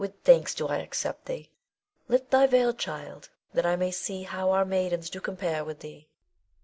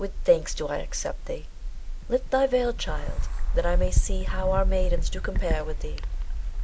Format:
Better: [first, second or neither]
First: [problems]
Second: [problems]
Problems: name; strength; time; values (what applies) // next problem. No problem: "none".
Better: first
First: none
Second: background sound (Bird); 3 dB above the speech